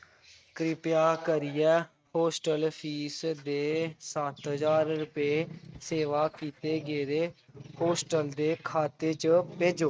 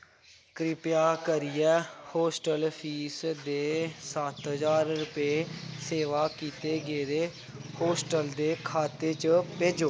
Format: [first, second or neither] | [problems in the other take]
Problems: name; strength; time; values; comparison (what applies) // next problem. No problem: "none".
second | noise reduction (neural mask model RNNoise)